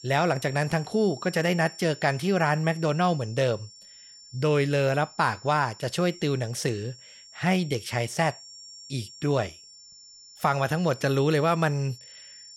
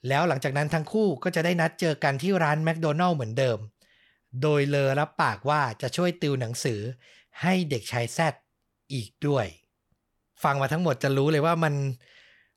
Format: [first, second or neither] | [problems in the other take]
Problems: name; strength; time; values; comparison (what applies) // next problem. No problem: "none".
second | high-pitched whine; noticeable; throughout; 5.5 kHz, 20 dB below the speech